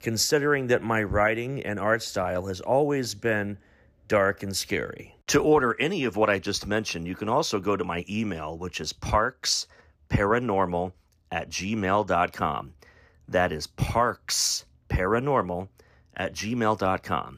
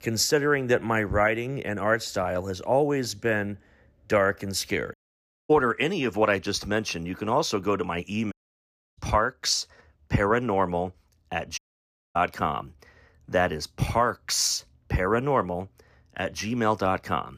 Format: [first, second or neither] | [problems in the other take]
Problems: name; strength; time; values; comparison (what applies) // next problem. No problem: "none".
first | audio cutting out; at 5 s for 0.5 s, at 8.5 s for 0.5 s and at 12 s for 0.5 s